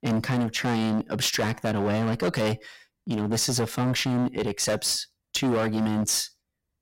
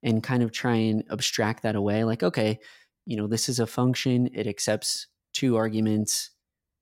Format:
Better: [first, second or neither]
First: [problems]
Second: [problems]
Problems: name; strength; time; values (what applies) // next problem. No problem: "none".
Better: second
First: distortion; heavy; 18% of the sound clipped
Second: none